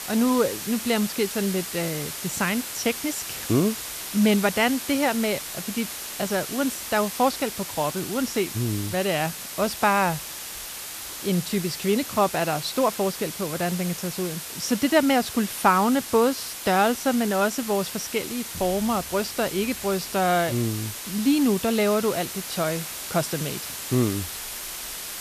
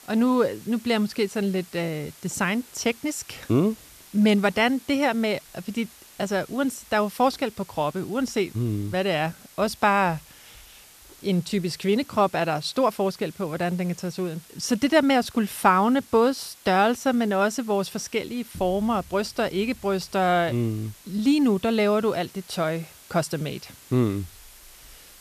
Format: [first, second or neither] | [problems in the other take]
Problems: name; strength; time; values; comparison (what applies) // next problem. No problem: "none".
second | hiss; loud; throughout; 7 dB below the speech; faint in the second